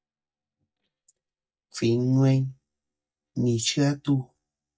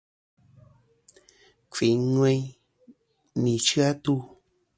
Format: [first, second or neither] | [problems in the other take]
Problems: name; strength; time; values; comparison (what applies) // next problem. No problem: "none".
second | noise reduction (neural mask model DeepFilterNet 3)